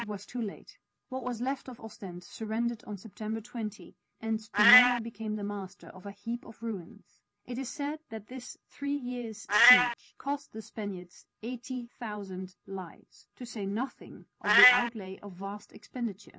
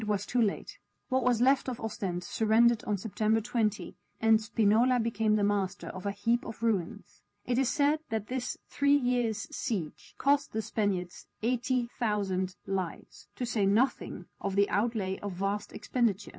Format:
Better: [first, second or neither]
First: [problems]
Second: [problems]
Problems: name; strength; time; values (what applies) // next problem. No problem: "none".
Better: second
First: background sound (Meow); 2 dB above the speech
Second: none